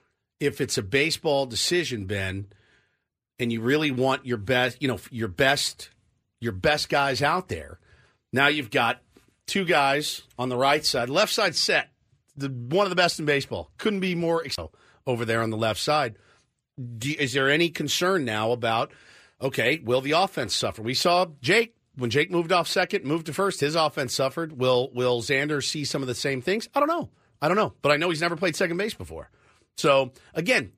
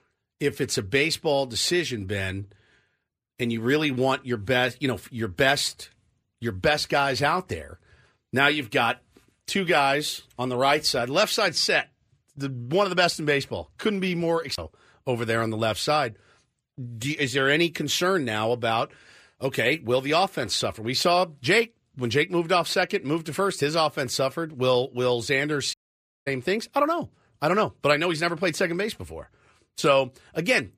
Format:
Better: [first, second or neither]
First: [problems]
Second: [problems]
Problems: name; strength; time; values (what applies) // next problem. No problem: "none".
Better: first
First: none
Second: audio cutting out; at 26 s for 0.5 s